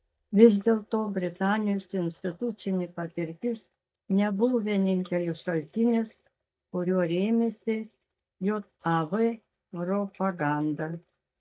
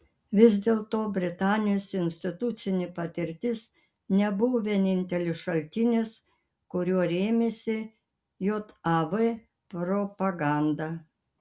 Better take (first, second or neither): second